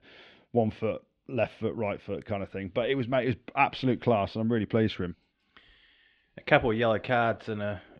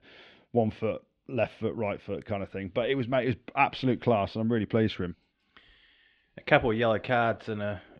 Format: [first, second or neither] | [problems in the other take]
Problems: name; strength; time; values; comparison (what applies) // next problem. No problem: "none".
neither | muffled; slightly; fading above 3.5 kHz; the same in both